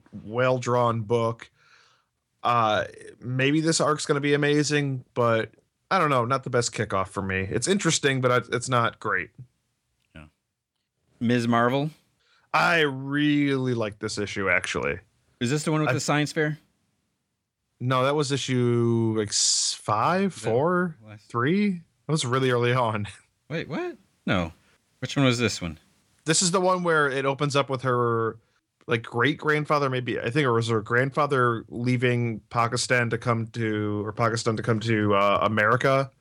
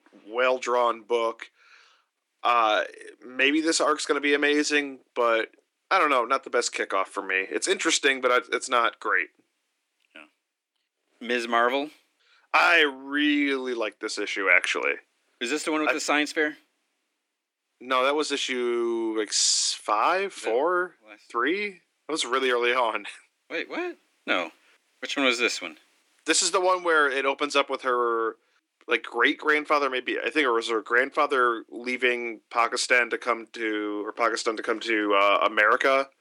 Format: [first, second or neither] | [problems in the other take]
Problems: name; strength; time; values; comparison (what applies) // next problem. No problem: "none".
first | thin; somewhat; fading below 300 Hz